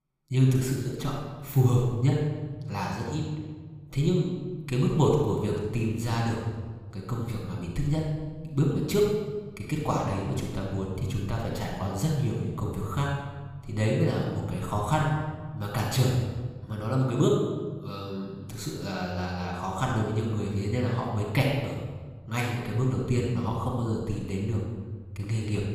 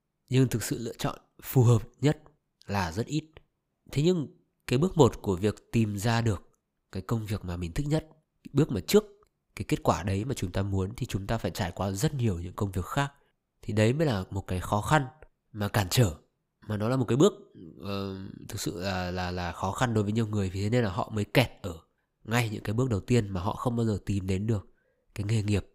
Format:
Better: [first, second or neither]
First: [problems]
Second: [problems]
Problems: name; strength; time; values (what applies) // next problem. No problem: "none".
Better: second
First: off-mic speech; far // room echo; noticeable; dies away in 1.3 s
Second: none